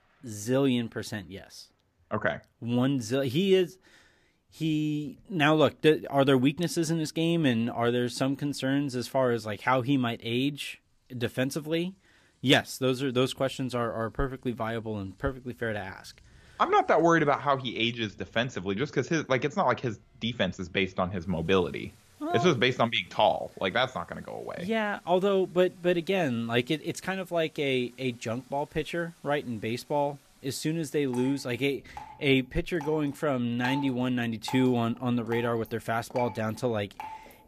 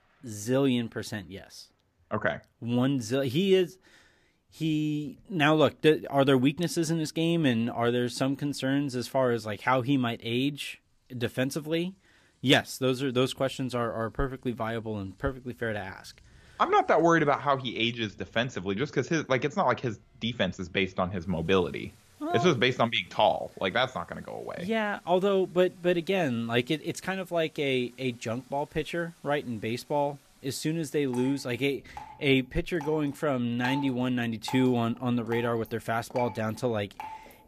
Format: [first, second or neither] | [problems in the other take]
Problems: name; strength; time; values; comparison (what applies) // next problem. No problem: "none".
neither | rain or running water; faint; throughout; 20 dB below the speech; the same in both